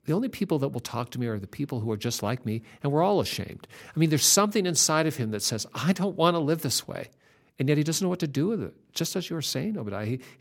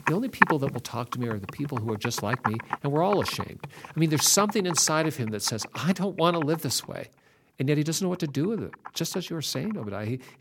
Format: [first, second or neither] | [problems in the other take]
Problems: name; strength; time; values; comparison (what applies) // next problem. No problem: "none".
first | household noises; loud; throughout; 6 dB below the speech